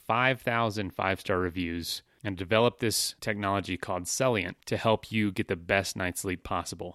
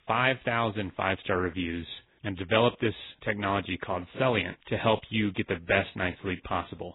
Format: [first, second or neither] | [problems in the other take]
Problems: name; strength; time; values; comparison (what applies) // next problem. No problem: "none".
first | garbled, watery; badly; nothing above 4 kHz